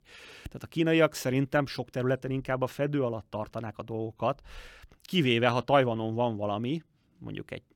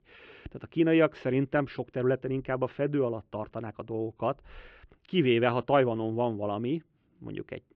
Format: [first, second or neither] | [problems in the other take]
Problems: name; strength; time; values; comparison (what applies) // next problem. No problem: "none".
first | muffled; very; fading above 3 kHz